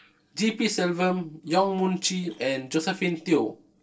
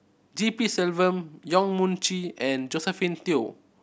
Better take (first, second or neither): second